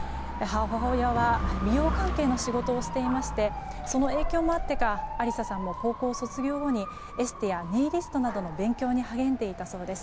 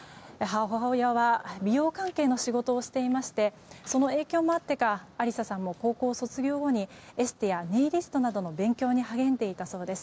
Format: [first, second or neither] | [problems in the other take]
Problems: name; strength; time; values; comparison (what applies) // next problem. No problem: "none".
second | background sound (Motorcycle / Dog); 4 dB below the speech